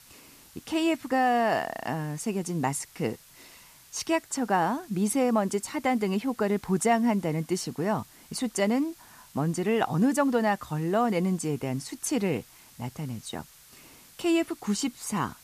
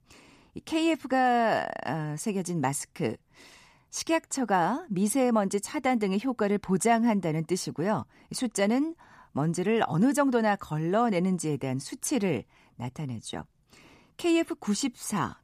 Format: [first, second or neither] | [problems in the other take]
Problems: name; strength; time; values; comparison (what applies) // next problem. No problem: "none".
second | hiss; faint; throughout; 25 dB below the speech